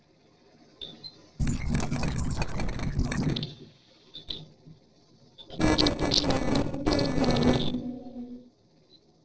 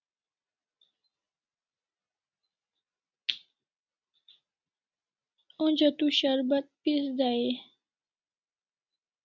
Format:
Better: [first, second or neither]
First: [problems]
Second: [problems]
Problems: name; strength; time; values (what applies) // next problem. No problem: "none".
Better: second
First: noise reduction (neural separator model SepFormer DNS4)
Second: none